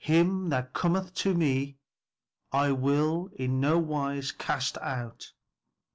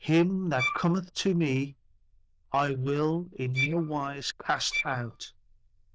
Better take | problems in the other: first | noise reduction (neural diffusion model UNIVERSE++)

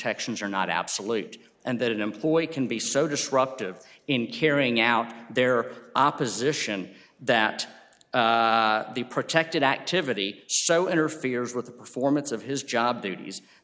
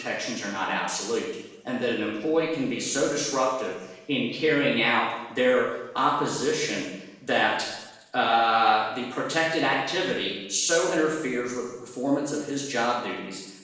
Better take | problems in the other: first | room echo; dies away in 0.9 s

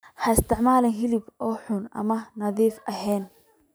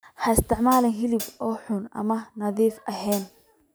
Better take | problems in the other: first | background sound (Hi-hat); 13 dB below the speech

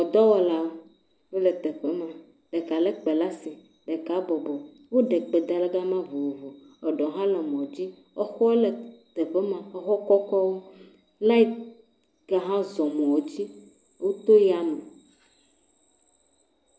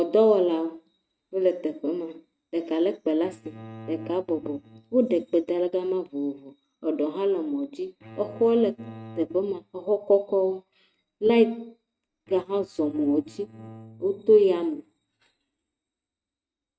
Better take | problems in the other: first | noise reduction (neural mask model RNNoise)

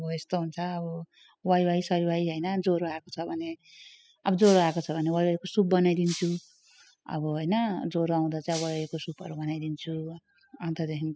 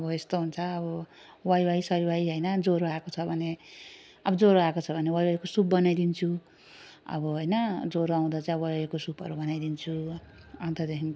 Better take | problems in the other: second | noise reduction (classical method spectral subtraction)

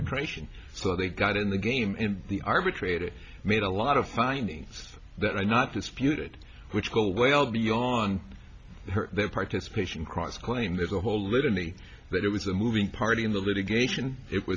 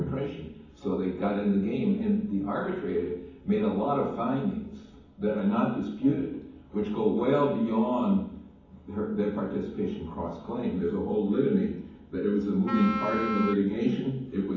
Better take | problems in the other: first | background sound (Wind instrument, woodwind instrument); 6 dB below the speech // room echo; dies away in 1.2 s

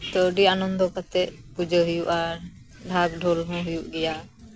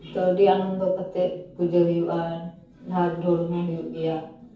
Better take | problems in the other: first | room echo; dies away in 0.6 s

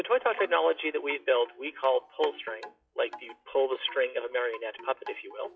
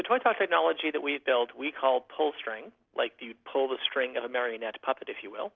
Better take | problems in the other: second | noise reduction (classical method WPE with log-MMSE)

